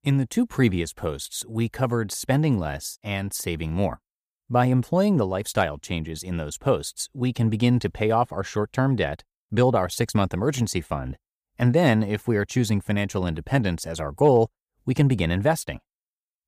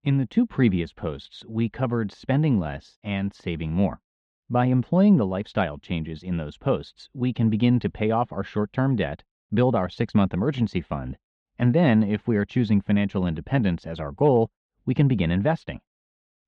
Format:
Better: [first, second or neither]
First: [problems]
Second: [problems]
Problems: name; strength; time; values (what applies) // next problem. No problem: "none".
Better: first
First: none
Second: muffled; slightly; fading above 3.5 kHz